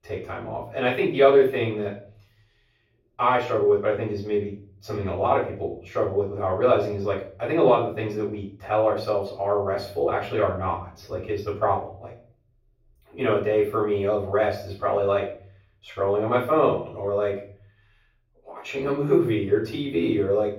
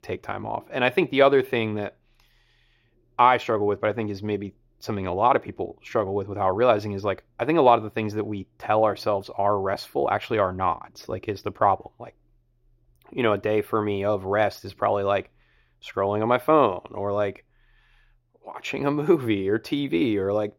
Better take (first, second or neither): second